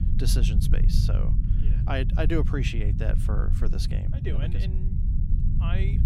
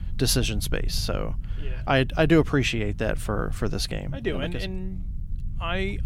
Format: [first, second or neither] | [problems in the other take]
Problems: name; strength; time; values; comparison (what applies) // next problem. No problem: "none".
second | low rumble; loud; throughout; 6 dB below the speech; faint in the second